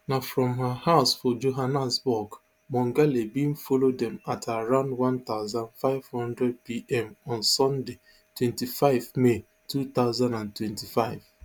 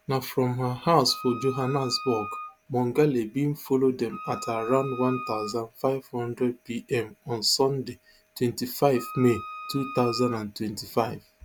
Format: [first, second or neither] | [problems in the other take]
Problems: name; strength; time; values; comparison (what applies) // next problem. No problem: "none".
first | background sound (Wind instrument, woodwind instrument); 12 dB below the speech